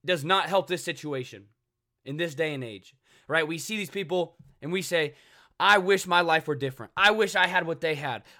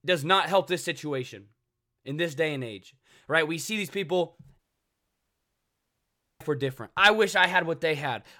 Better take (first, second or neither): first